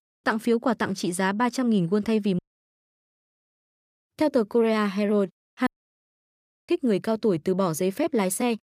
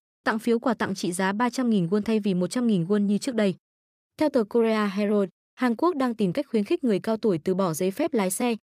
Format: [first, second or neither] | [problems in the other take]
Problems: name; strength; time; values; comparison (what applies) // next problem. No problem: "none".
second | audio cutting out; at 2.5 s for 1.5 s and at 5.5 s for 1 s